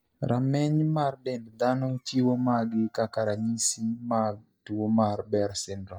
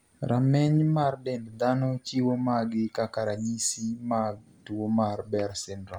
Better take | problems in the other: second | noise reduction (neural mask model DeepFilterNet 3)

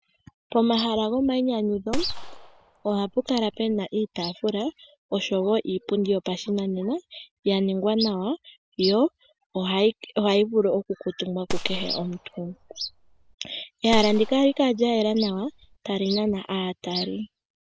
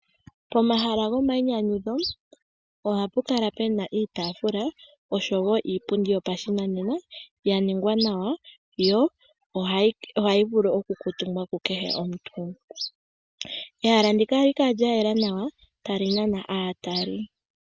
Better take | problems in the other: second | background sound (Gunshot, gunfire); 7 dB below the speech

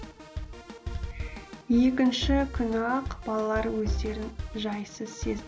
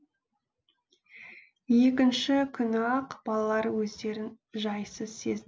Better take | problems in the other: second | background sound (Drum kit + Bowed string instrument); 7 dB below the speech

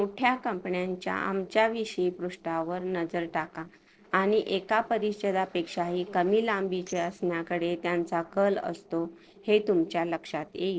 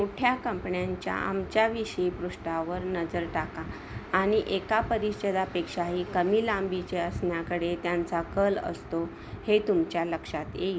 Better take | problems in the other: second | noise reduction (neural separator model SepFormer DNS4)

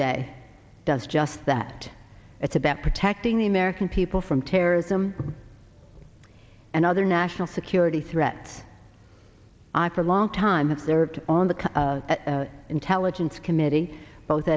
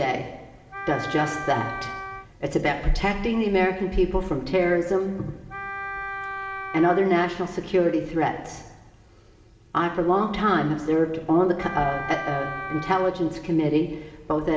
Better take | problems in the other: first | background sound (Wind instrument, woodwind instrument); 9 dB below the speech // room echo; dies away in 1 s

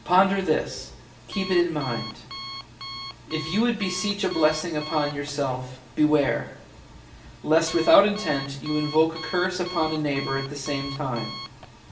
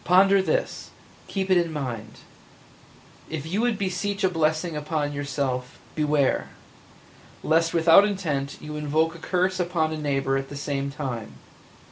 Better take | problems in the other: second | background sound (Alarm); 14 dB below the speech // room echo; dies away in 0.6 s

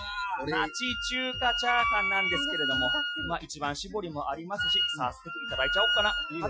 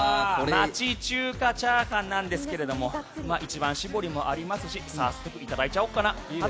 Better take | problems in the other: second | noise reduction (classical method Wiener filter)

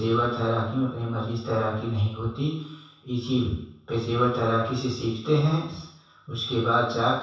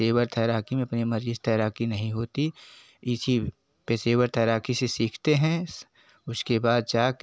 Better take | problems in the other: second | room echo; dies away in 0.7 s

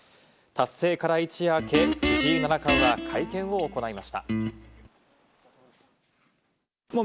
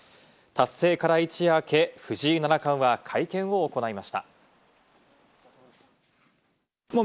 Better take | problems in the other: second | background sound (Guitar); as loud as the speech

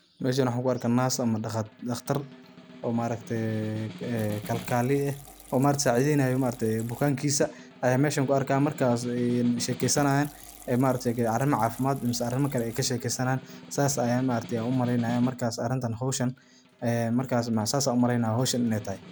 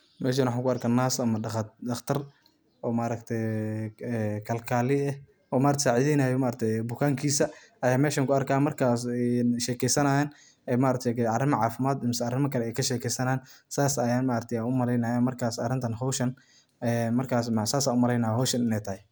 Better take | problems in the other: second | background sound (Liquid + Snare drum); 18 dB below the speech

